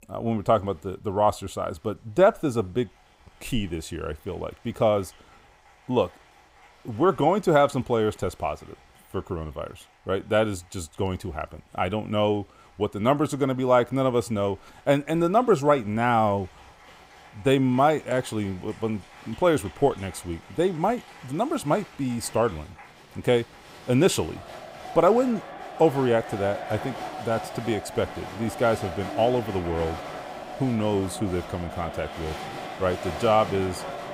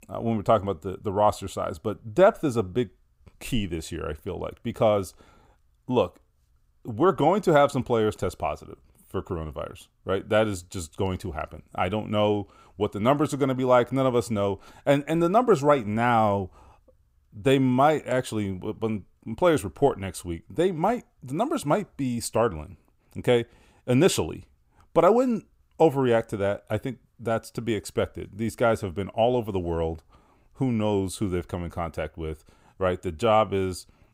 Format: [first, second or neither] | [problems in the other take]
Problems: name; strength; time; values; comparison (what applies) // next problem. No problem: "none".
second | crowd noise; noticeable; throughout; 15 dB below the speech